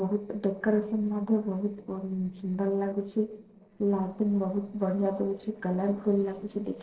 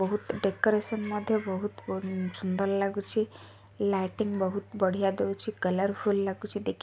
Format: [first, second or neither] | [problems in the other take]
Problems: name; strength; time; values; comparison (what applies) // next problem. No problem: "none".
second | noise reduction (neural separator model SepFormer DNS4)